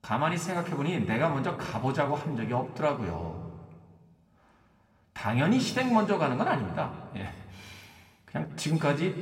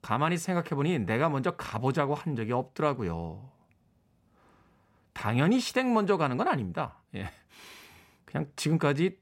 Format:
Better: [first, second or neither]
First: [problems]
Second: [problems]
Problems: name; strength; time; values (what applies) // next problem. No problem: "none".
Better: second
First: room echo; slight; dies away in 1.5 s // off-mic speech; somewhat distant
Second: none